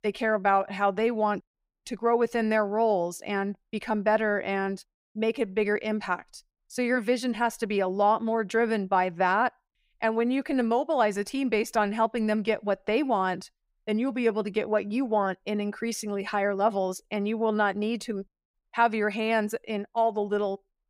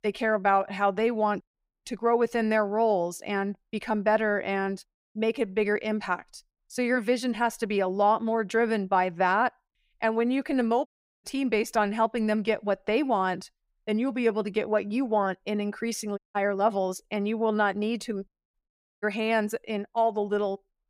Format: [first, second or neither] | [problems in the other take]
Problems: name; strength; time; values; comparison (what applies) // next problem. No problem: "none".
first | audio cutting out; at 11 s, at 16 s and at 19 s